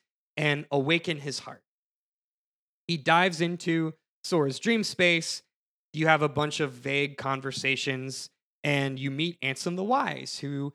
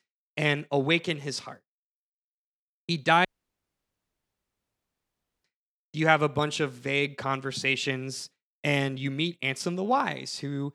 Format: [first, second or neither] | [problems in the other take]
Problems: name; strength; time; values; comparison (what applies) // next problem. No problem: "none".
first | audio cutting out; at 3.5 s for 2 s